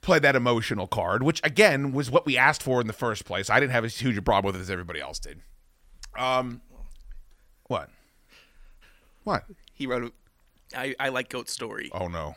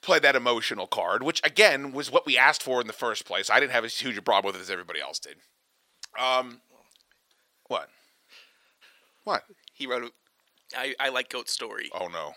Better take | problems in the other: first | thin; somewhat; fading below 400 Hz

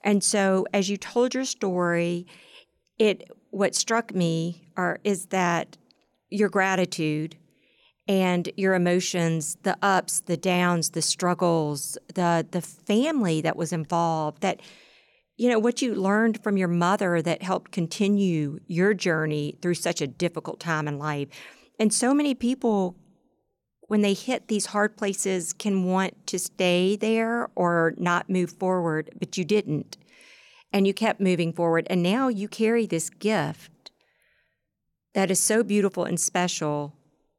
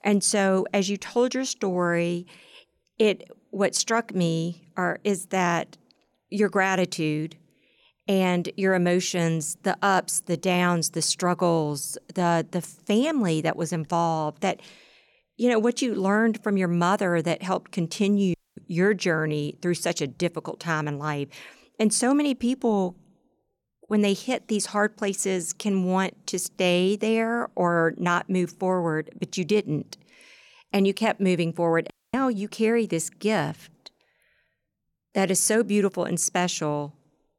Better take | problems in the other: first | audio cutting out; at 18 s and at 32 s

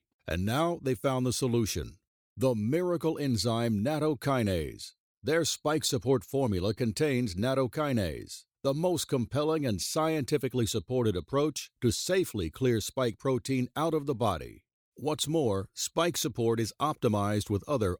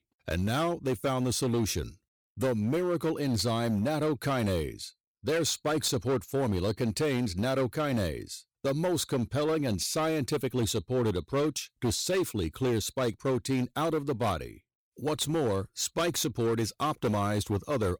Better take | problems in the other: first | distortion; slight; 13% of the sound clipped

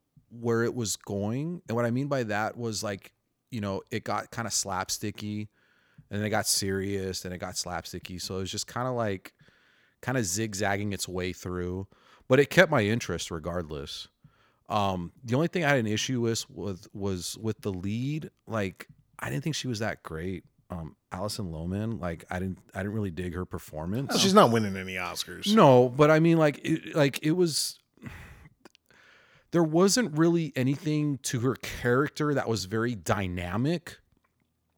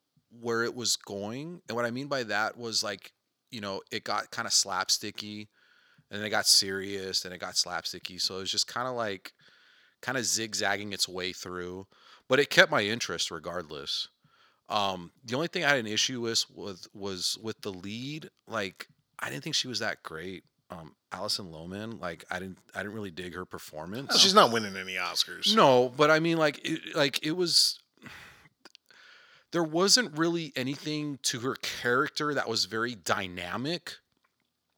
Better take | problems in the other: first | thin; very slightly; fading below 350 Hz

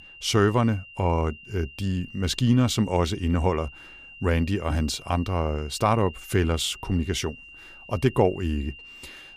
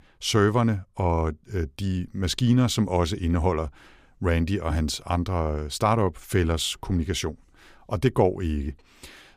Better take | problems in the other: second | high-pitched whine; noticeable; throughout; 3 kHz, 20 dB below the speech

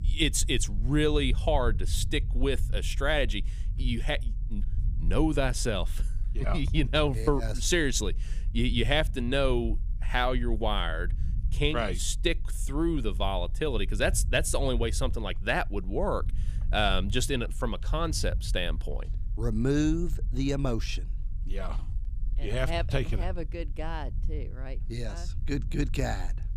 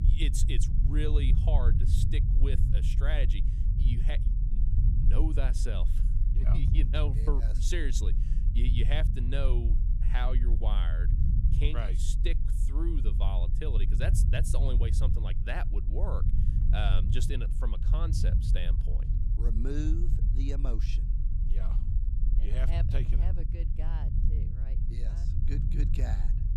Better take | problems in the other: first | low rumble; loud; throughout; 6 dB below the speech; faint in the first

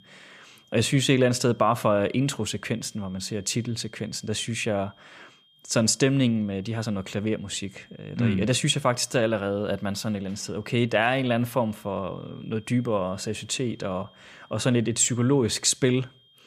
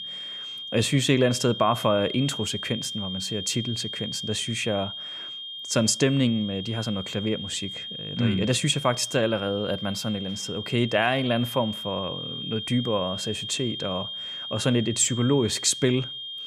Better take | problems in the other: first | high-pitched whine; loud; throughout; 3 kHz, 7 dB below the speech; faint in the first

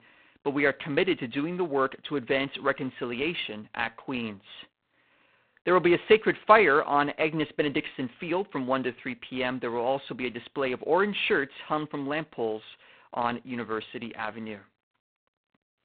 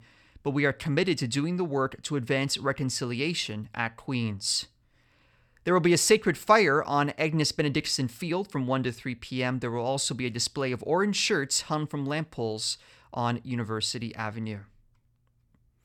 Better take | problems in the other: second | phone-call audio; poor line; nothing above 4 kHz

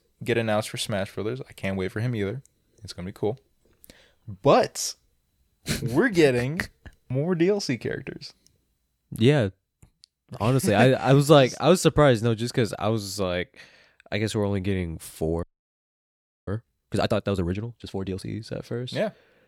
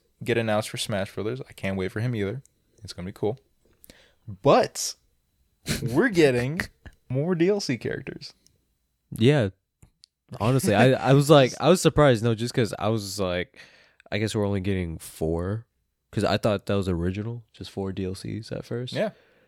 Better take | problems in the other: second | audio freezing; at 15 s for 1 s

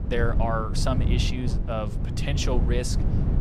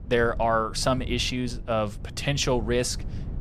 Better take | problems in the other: second | low rumble; loud; throughout; 8 dB below the speech; faint in the second

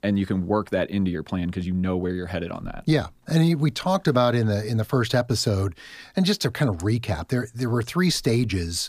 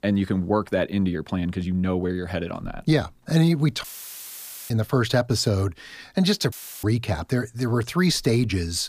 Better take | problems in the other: first | audio cutting out; filled with static; at 4 s for 1 s and at 6.5 s

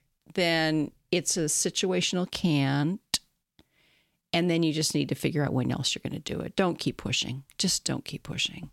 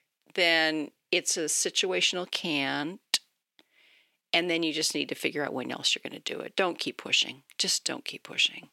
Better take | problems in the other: first | thin; somewhat; fading below 400 Hz

